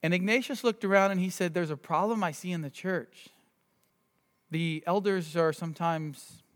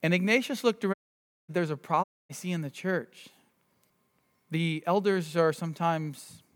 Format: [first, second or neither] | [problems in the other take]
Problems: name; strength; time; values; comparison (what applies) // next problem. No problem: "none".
first | audio cutting out; at 1 s for 0.5 s and at 2 s